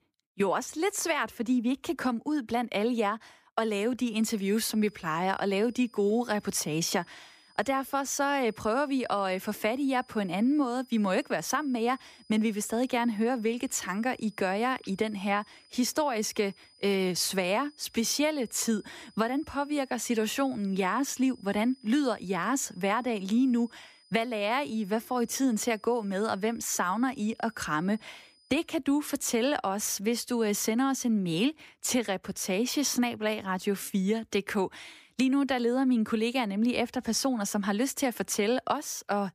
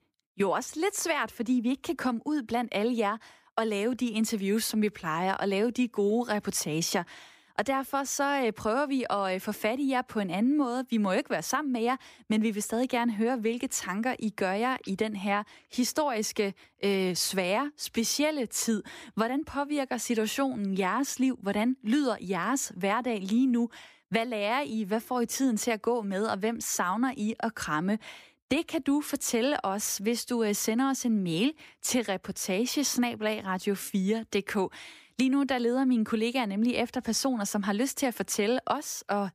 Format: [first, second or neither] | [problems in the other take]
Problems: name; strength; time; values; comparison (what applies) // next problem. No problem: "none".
second | high-pitched whine; faint; from 4 to 29 s; 5 kHz, 30 dB below the speech